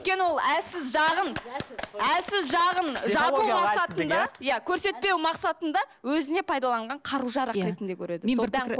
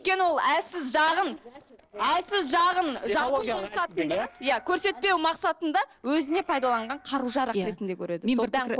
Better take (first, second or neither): first